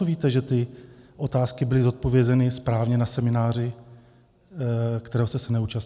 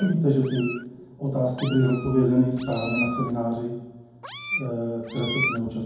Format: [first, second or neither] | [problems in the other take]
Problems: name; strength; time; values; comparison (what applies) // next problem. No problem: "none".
first | background sound (Meow); 10 dB below the speech // room echo; dies away in 1.2 s